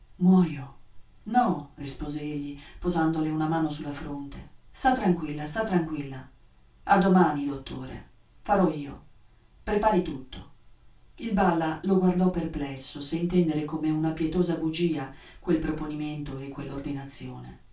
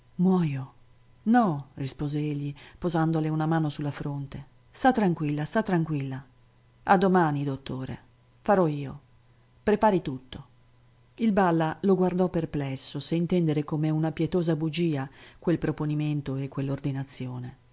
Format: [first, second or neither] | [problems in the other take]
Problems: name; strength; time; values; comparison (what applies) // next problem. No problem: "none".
second | room echo; dies away in 0.2 s